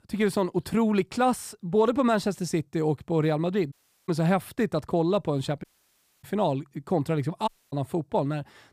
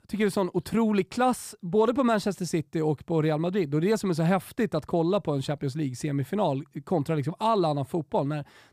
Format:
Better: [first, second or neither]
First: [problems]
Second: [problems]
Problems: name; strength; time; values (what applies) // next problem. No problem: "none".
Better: second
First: audio cutting out; at 3.5 s, at 5.5 s for 0.5 s and at 7.5 s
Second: none